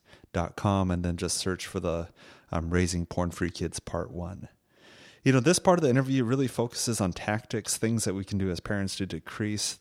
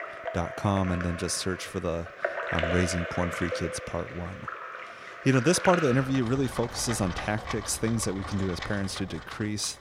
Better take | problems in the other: first | rain or running water; loud; throughout; 7 dB below the speech

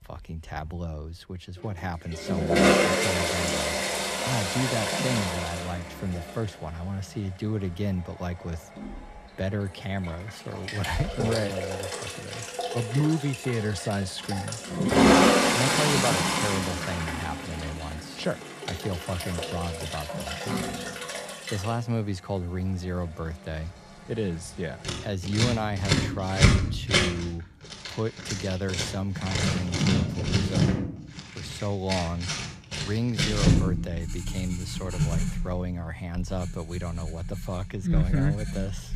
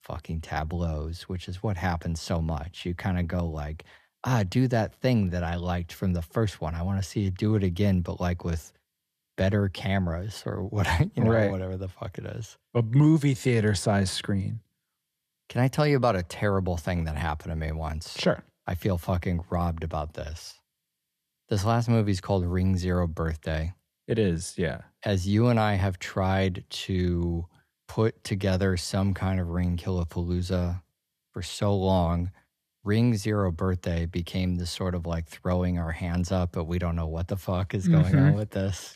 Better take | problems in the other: second | household noises; very loud; throughout; 5 dB above the speech

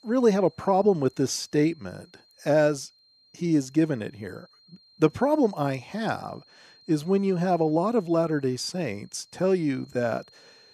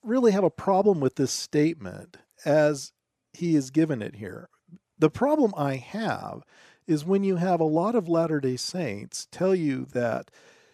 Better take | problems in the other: second | high-pitched whine; faint; throughout; 4 kHz, 30 dB below the speech

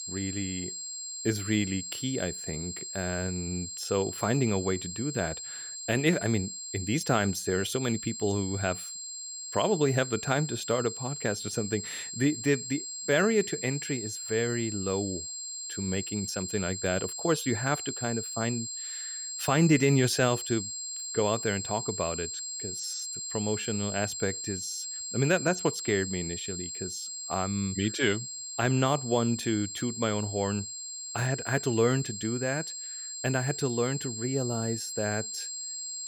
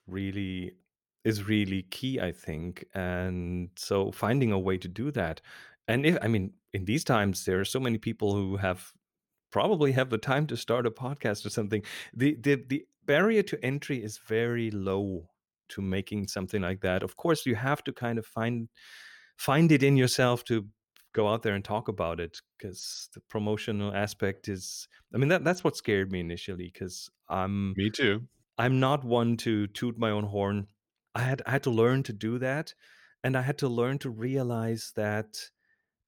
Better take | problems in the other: second | high-pitched whine; loud; throughout; 7.5 kHz, 5 dB below the speech

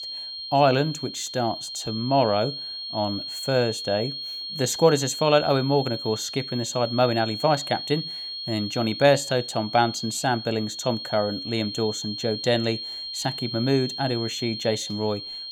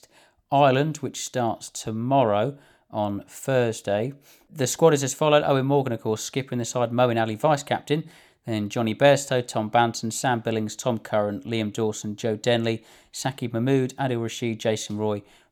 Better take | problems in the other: second | high-pitched whine; loud; throughout; 4.5 kHz, 7 dB below the speech

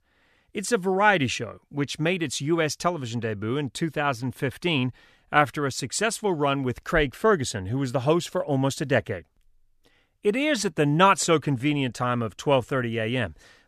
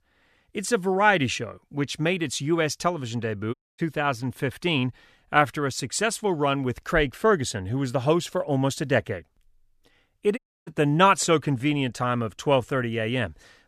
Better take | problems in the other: first | audio cutting out; at 3.5 s and at 10 s

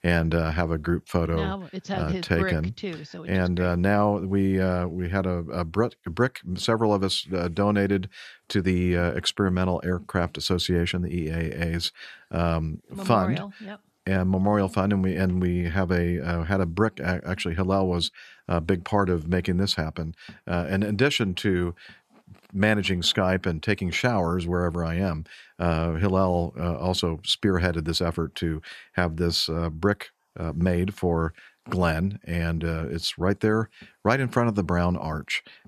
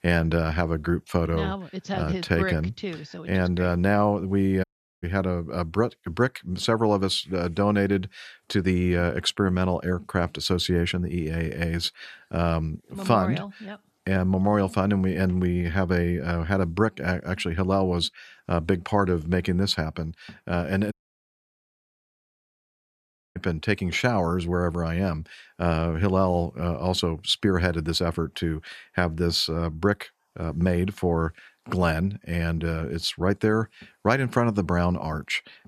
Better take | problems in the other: first | audio cutting out; at 4.5 s and at 21 s for 2.5 s

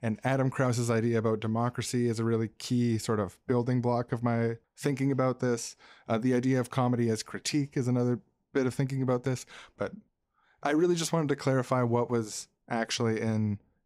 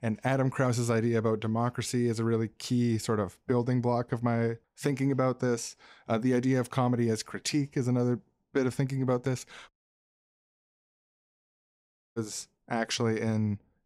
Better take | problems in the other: first | audio cutting out; at 9.5 s for 2.5 s

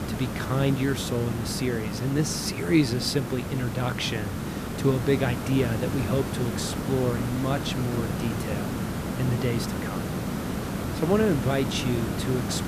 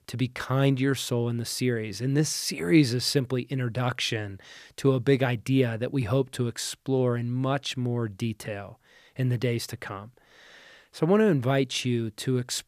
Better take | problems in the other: second | hiss; loud; throughout; 3 dB below the speech

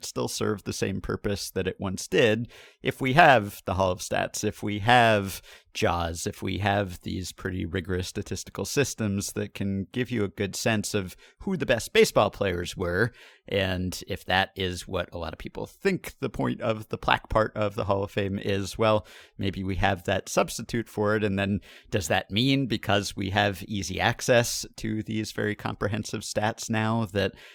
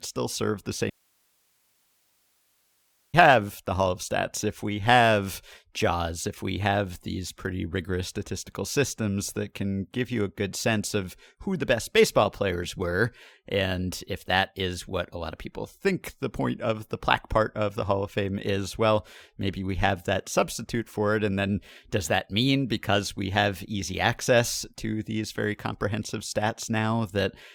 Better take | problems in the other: first | audio cutting out; at 1 s for 2 s

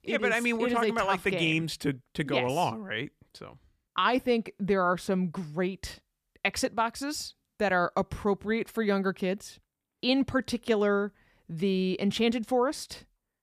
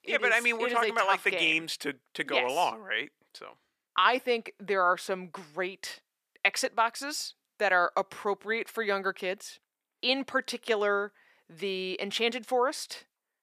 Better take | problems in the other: first | thin; somewhat; fading below 450 Hz

